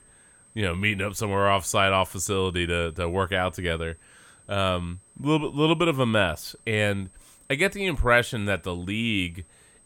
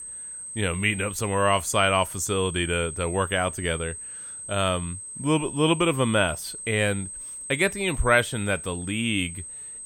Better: first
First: high-pitched whine; faint; throughout; 8.5 kHz, 30 dB below the speech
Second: high-pitched whine; loud; throughout; 8.5 kHz, 10 dB below the speech

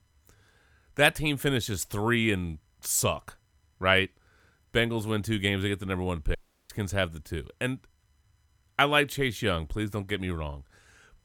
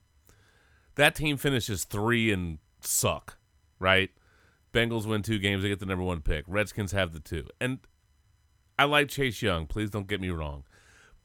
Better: second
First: audio cutting out; at 6.5 s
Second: none

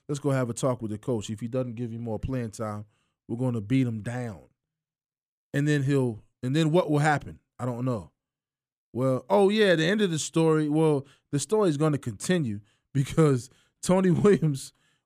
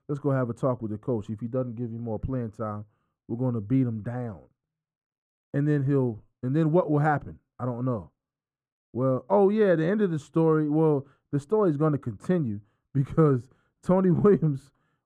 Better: first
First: none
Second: muffled; very; fading above 2 kHz

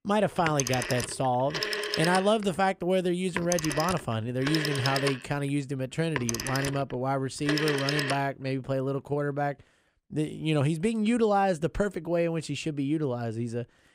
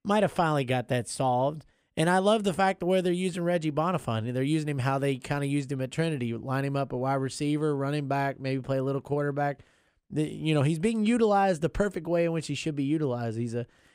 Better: second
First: phone ringing; noticeable; until 8 s; peak level with the speech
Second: none

